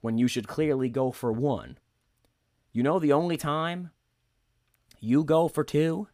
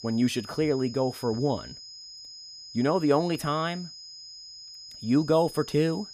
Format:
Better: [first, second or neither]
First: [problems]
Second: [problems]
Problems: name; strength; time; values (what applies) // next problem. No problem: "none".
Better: first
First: none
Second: high-pitched whine; noticeable; throughout; 5 kHz, 15 dB below the speech